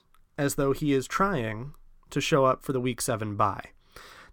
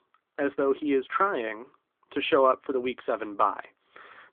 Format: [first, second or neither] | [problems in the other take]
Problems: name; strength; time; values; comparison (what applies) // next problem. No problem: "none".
first | phone-call audio; nothing above 3.5 kHz